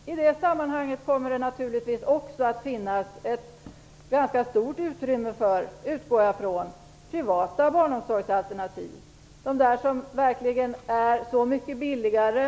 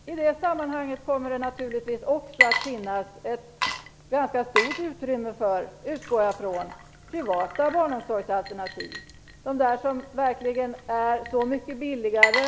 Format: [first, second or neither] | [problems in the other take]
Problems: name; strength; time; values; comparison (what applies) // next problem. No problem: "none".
first | background sound (Water / Liquid); 5 dB below the speech